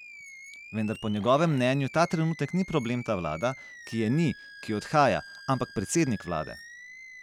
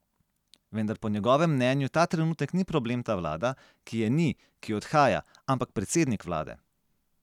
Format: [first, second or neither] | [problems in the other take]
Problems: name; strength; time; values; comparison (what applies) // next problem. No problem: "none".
second | background sound (Animal); 18 dB below the speech